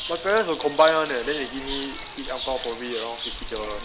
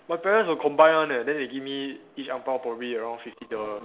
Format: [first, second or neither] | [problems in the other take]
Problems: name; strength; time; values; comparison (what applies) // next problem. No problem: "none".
second | background sound (Chirp, tweet + Stream); 9 dB below the speech